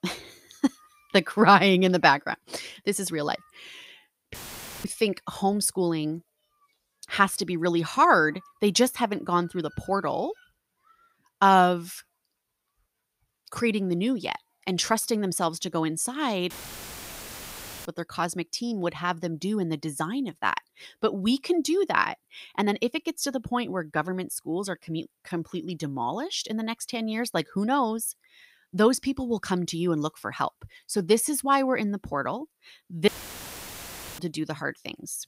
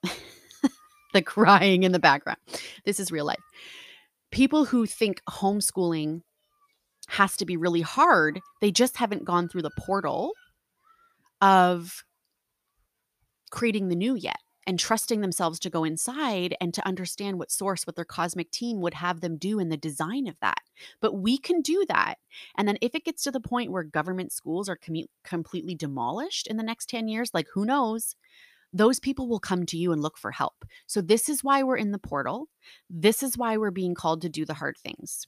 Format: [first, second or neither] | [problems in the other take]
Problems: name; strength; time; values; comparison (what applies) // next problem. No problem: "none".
second | audio cutting out; filled with static; at 4.5 s for 0.5 s, at 17 s for 1.5 s and at 33 s for 1 s